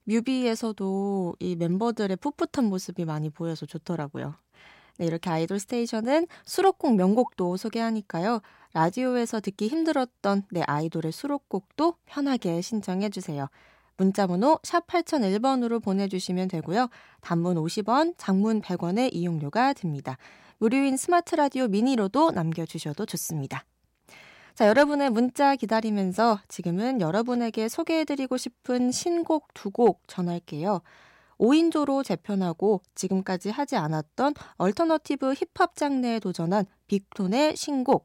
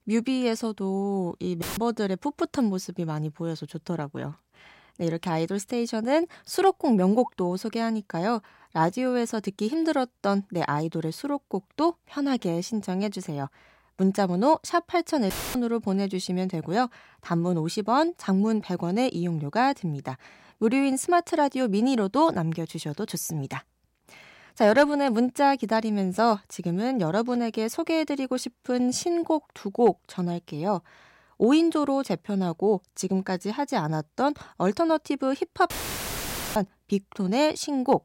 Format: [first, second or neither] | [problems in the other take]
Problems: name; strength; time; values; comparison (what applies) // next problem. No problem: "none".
first | audio cutting out; filled with static; at 1.5 s, at 15 s and at 36 s for 1 s